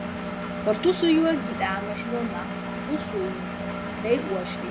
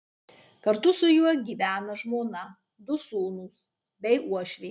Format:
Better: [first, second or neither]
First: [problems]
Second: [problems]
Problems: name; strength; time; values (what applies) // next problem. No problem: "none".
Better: second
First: background sound (Engine); 4 dB below the speech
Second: none